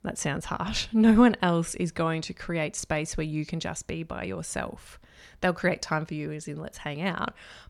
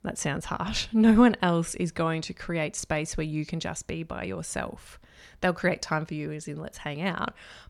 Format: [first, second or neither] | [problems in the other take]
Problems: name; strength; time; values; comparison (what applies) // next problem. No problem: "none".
neither | none